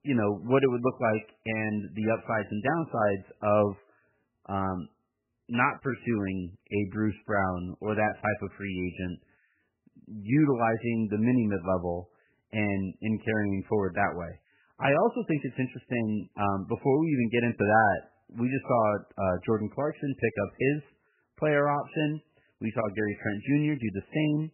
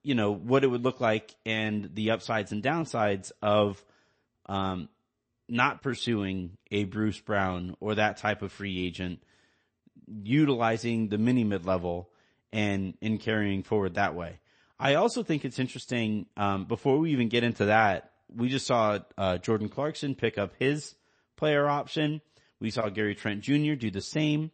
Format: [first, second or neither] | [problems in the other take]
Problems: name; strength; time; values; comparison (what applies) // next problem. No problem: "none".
second | garbled, watery; badly; nothing above 3 kHz; slightly in the second